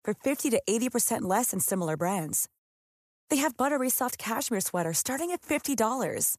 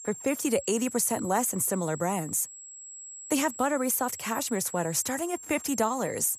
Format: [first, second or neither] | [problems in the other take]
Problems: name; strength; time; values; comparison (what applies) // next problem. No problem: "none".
first | high-pitched whine; noticeable; throughout; 7.5 kHz, 15 dB below the speech